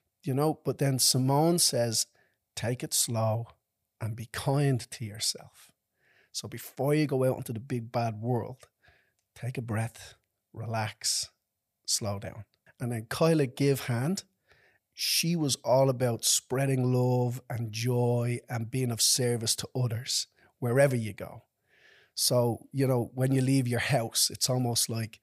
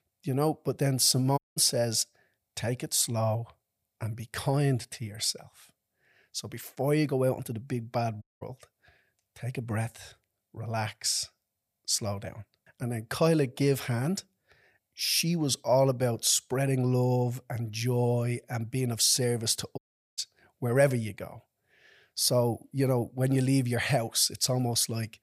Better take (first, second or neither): first